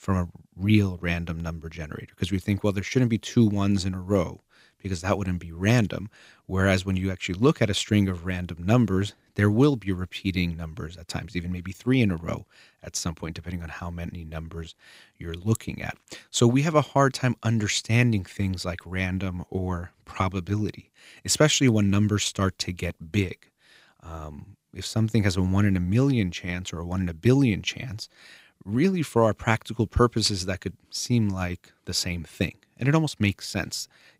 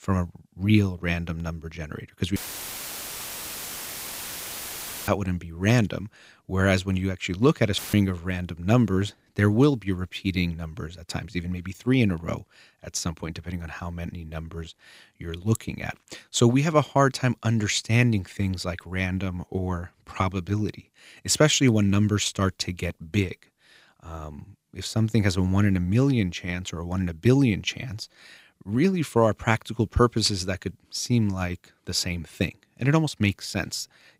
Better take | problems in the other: first | audio cutting out; filled with static; at 2.5 s for 2.5 s and at 8 s

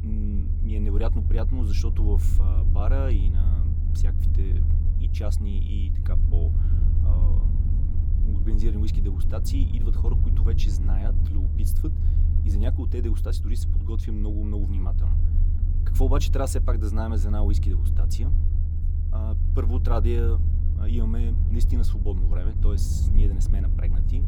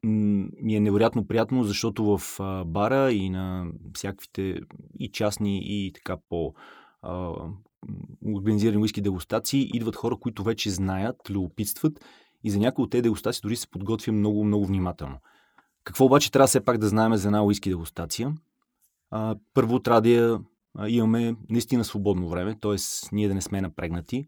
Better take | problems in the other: second | low rumble; loud; throughout; 4 dB below the speech

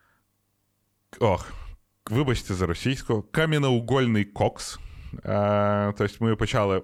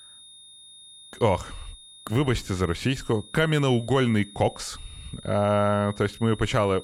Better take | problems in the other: first | high-pitched whine; faint; throughout; 3.5 kHz, 20 dB below the speech

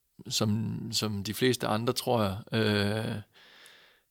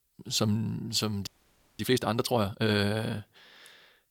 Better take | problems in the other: first | audio freezing; at 1.5 s for 0.5 s

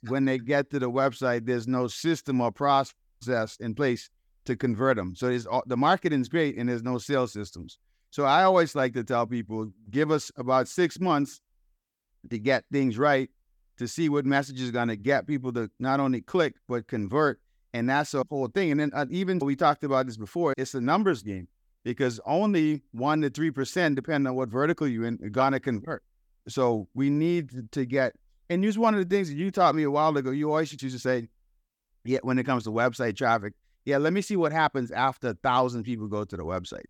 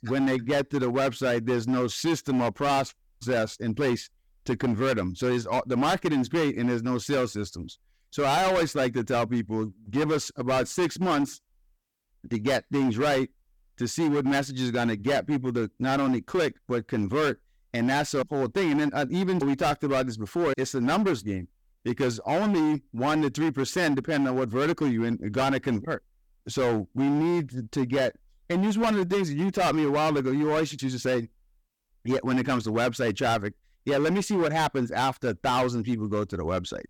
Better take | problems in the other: first | distortion; heavy; 17% of the sound clipped

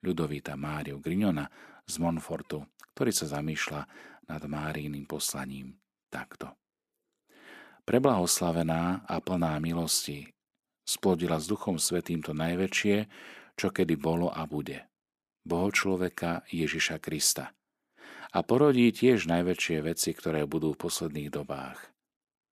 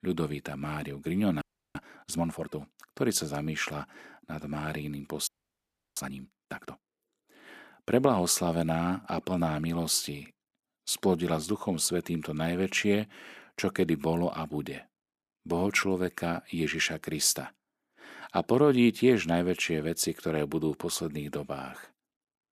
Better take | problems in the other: first | audio freezing; at 1.5 s and at 5.5 s for 0.5 s

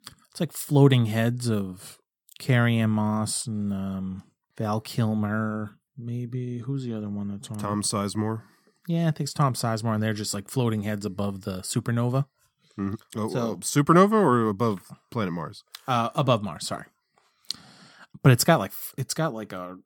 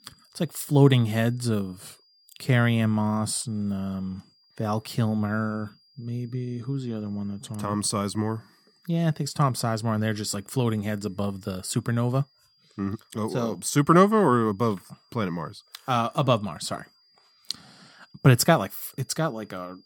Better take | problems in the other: first | high-pitched whine; faint; throughout; 5 kHz, 35 dB below the speech

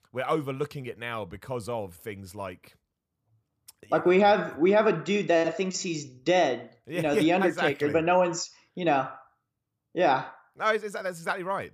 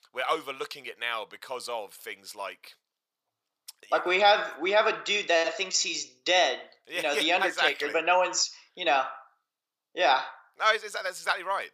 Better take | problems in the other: first | thin; very; fading below 650 Hz

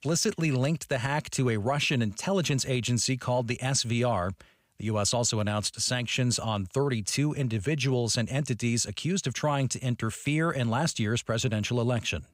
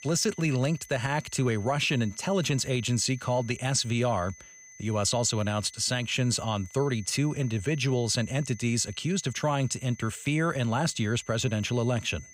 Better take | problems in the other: first | high-pitched whine; faint; throughout; 6 kHz, 20 dB below the speech

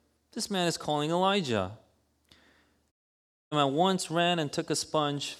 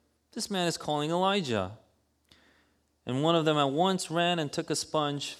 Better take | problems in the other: second | audio cutting out; at 3 s for 0.5 s

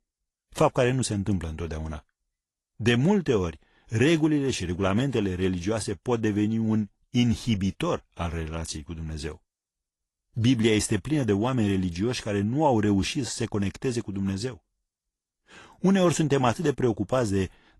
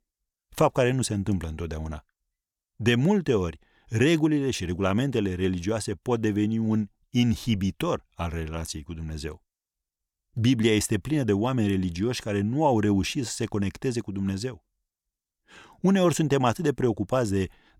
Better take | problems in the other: second | garbled, watery; slightly

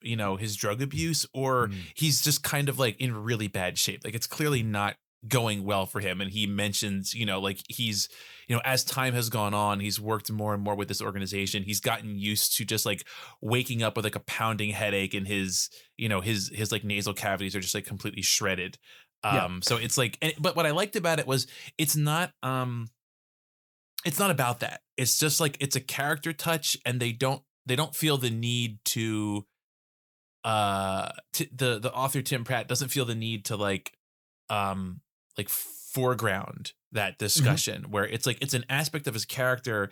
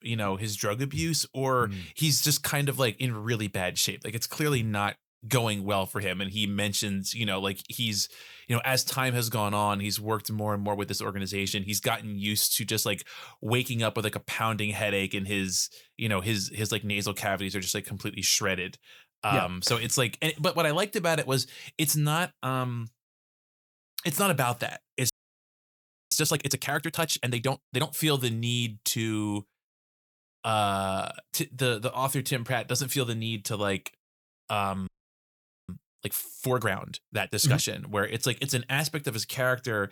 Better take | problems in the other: first | audio freezing; at 25 s for 1 s and at 35 s for 1 s

